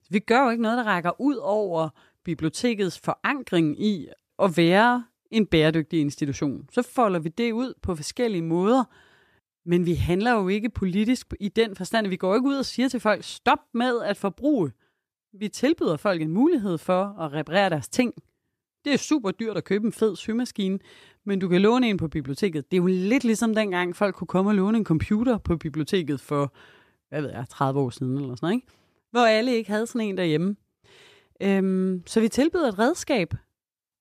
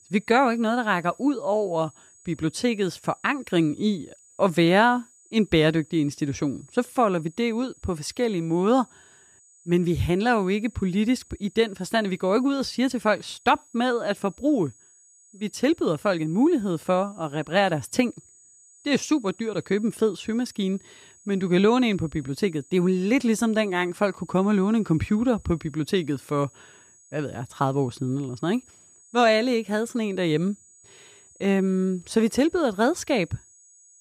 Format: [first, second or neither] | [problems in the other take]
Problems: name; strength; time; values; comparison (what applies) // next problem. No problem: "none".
first | high-pitched whine; faint; throughout; 7 kHz, 30 dB below the speech